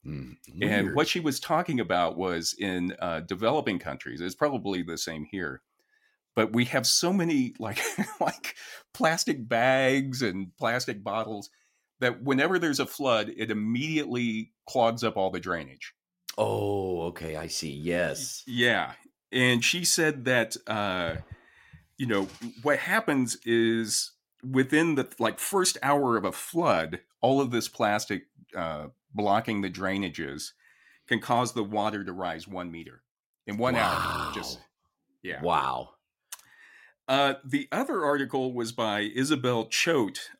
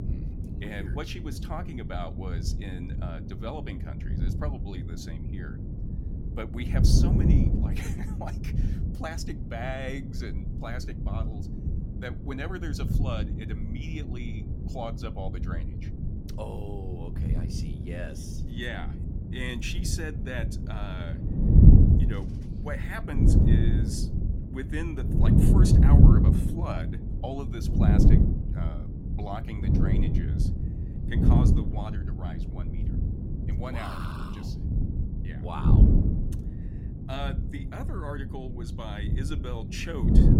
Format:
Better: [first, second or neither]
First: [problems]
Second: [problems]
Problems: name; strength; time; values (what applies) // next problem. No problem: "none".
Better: first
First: none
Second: wind noise on the microphone; heavy; as loud as the speech